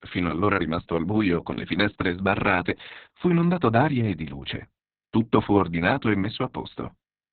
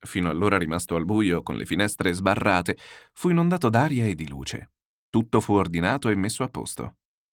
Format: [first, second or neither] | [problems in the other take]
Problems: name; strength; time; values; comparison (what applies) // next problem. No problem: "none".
second | garbled, watery; badly; nothing above 4 kHz; slightly in the second